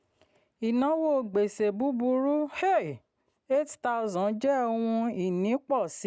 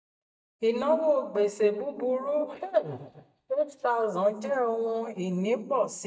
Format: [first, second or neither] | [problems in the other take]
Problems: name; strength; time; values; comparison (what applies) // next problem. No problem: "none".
first | noise reduction (neural mask model DeepFilterNet 3)